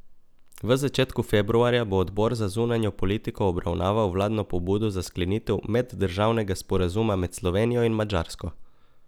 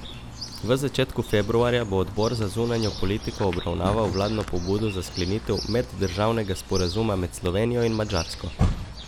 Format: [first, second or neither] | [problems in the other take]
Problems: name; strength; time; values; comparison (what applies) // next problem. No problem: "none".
first | background sound (Chirp, tweet); 9 dB below the speech